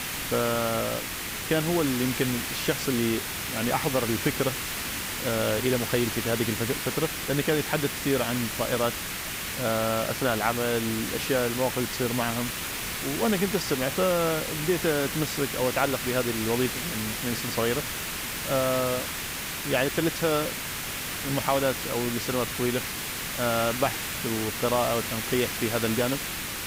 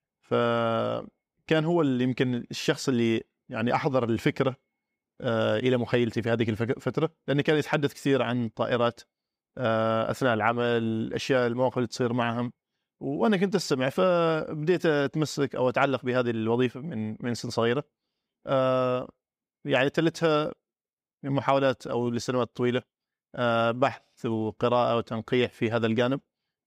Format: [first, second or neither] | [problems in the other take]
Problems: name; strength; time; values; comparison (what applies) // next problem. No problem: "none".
second | hiss; loud; throughout; 2 dB below the speech